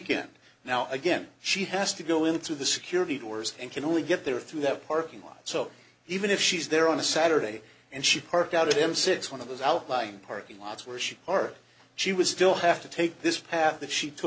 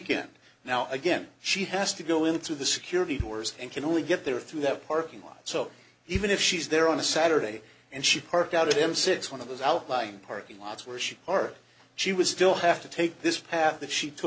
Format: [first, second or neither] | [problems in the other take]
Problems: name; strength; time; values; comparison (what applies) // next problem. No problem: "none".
first | background sound (Bass drum); 16 dB below the speech